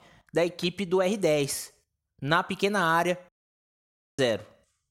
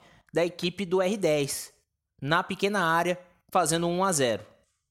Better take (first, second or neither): second